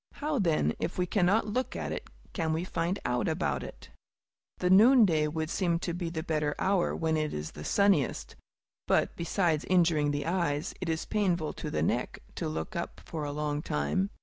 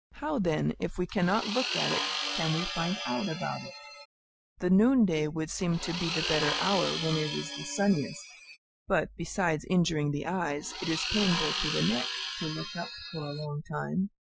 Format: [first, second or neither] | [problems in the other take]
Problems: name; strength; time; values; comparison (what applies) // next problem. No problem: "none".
first | noise reduction (classical method Wiener filter)